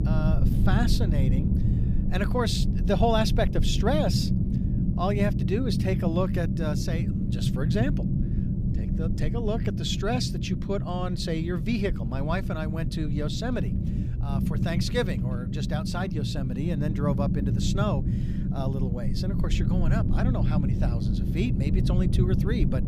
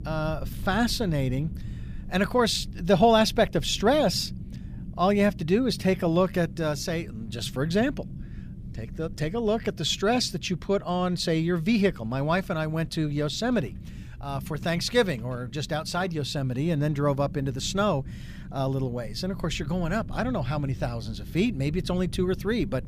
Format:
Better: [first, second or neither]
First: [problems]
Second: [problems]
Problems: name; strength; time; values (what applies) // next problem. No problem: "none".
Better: second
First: low rumble; loud; throughout; 5 dB below the speech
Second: low rumble; faint; throughout; 25 dB below the speech